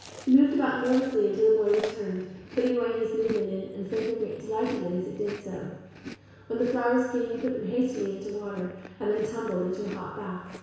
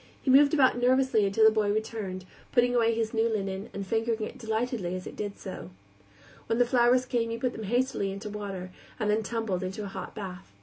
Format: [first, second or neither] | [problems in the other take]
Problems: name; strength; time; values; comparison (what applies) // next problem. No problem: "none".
second | background sound (Chewing, mastication); 17 dB below the speech // room echo; dies away in 1.1 s